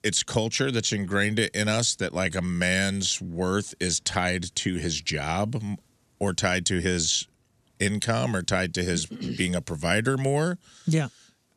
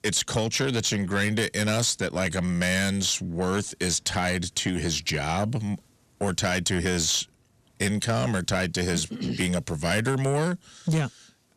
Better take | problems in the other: first | distortion; slight; 10 dB below the speech

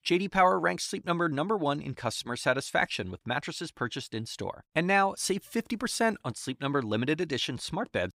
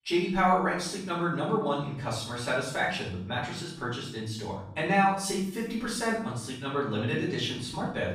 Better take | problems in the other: first | off-mic speech; far // room echo; noticeable; dies away in 0.7 s

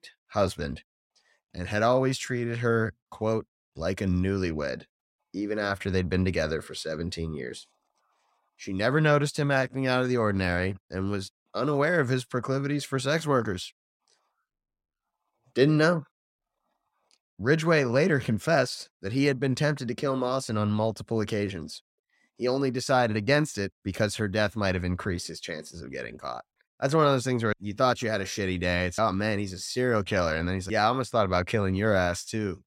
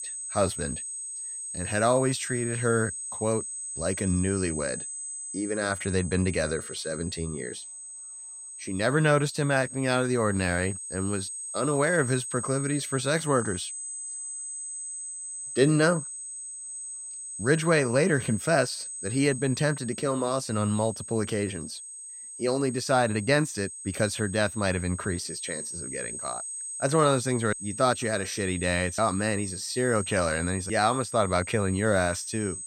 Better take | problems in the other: first | high-pitched whine; loud; throughout; 8 kHz, 8 dB below the speech

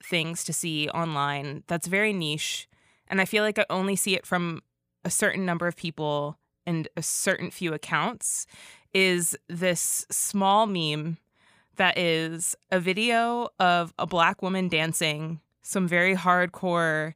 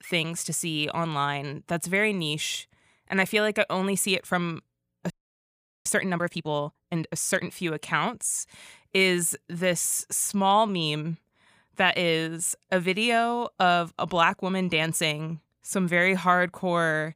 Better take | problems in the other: first | audio freezing; at 5 s for 1 s

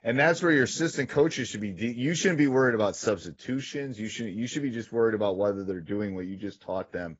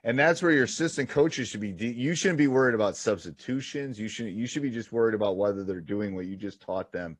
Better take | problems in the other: second | garbled, watery; badly; nothing above 7.5 kHz; slightly in the second

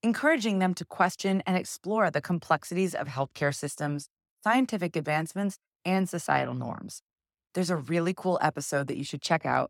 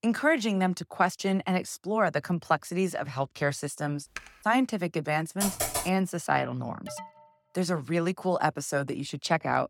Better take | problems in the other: first | keyboard typing; faint; at 4 s; peak 15 dB below the speech // keyboard typing; noticeable; at 5.5 s; peak level with the speech // alarm; faint; at 7 s; peak 15 dB below the speech

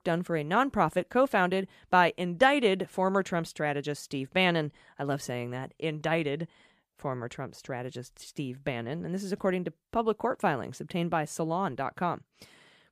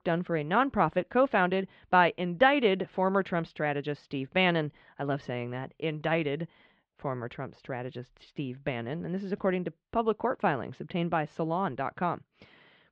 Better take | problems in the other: first | muffled; slightly; fading above 3.5 kHz

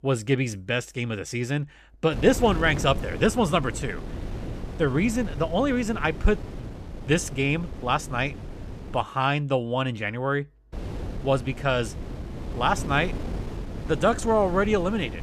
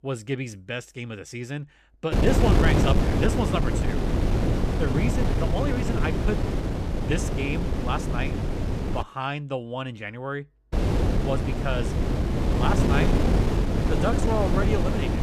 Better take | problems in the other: first | wind noise on the microphone; heavy; from 2 to 9 s and from 11 s on; as loud as the speech; occasional gusts in the first

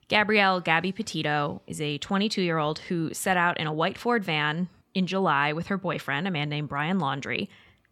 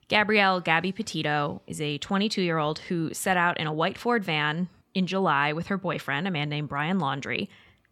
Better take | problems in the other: neither | none

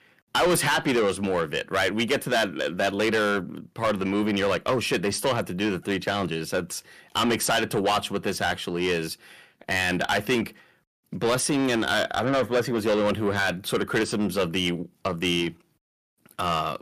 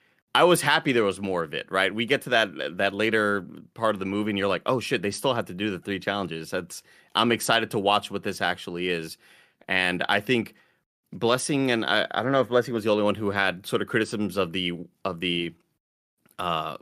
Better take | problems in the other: second | distortion; heavy; 7 dB below the speech

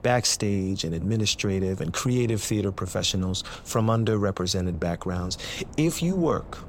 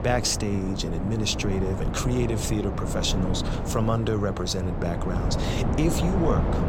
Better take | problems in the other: first | wind noise on the microphone; heavy; 5 dB below the speech; occasional gusts in the first

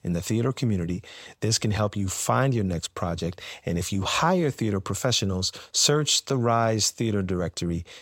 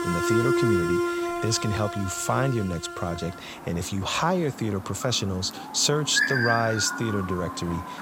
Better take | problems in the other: first | animal sounds; loud; throughout; 2 dB below the speech

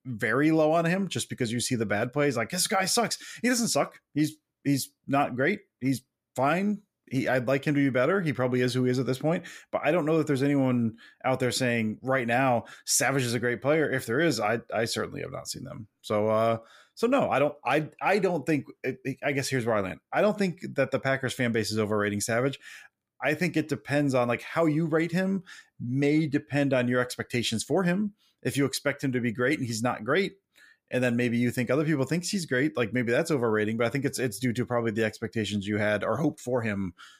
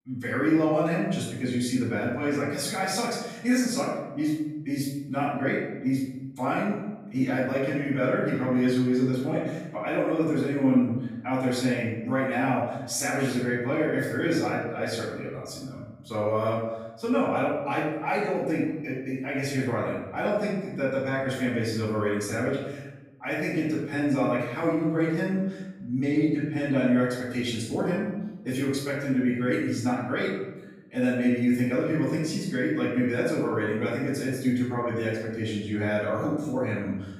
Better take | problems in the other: first | off-mic speech; far // room echo; noticeable; dies away in 1 s

